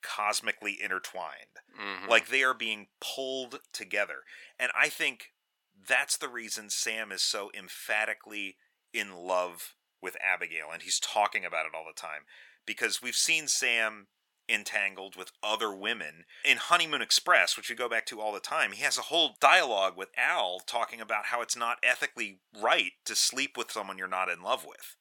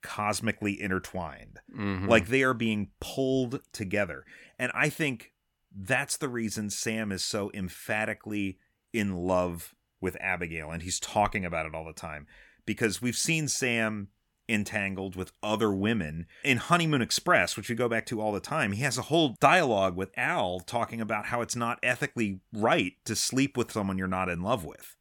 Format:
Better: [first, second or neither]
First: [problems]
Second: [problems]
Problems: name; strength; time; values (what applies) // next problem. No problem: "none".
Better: second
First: thin; very; fading below 650 Hz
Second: none